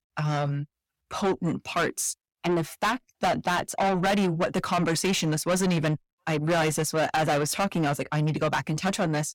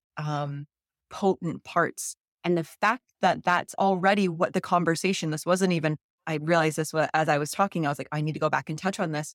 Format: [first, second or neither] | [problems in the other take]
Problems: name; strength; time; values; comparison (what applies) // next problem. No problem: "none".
second | distortion; heavy; 6 dB below the speech